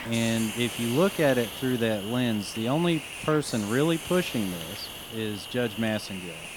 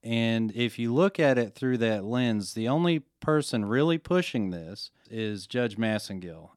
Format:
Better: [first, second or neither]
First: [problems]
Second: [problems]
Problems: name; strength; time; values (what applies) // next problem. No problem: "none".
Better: second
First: hiss; loud; throughout; 9 dB below the speech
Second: none